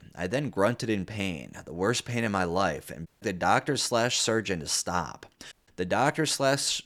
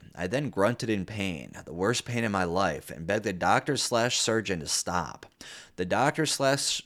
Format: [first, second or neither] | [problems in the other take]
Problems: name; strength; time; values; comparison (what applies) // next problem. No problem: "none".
second | audio cutting out; at 3 s and at 5.5 s